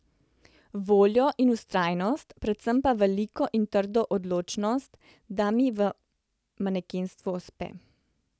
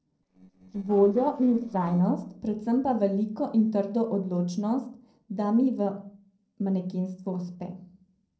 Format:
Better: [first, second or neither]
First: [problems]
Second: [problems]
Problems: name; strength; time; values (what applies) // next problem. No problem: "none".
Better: first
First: none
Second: noise reduction (neural separator model SepFormer DNS4)